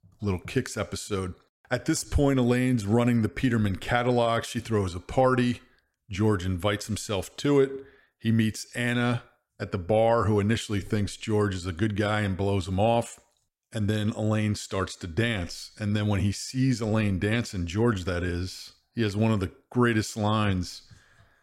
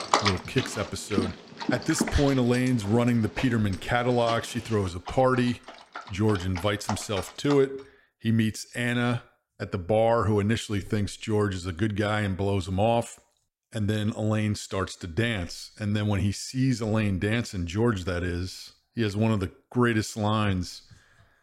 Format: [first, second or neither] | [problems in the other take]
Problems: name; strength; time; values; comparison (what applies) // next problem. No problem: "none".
first | animal sounds; loud; until 7.5 s; 8 dB below the speech